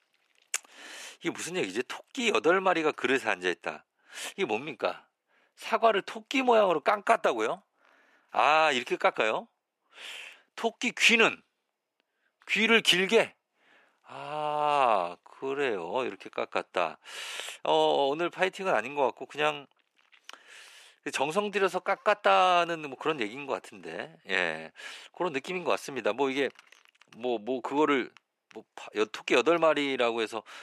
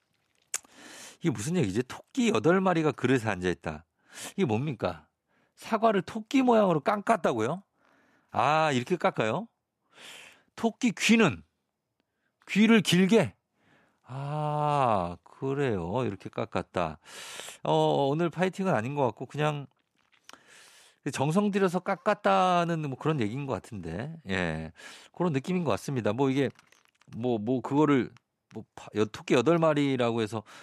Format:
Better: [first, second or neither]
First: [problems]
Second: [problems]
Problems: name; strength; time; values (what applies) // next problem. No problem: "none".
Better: second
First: thin; somewhat; fading below 400 Hz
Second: none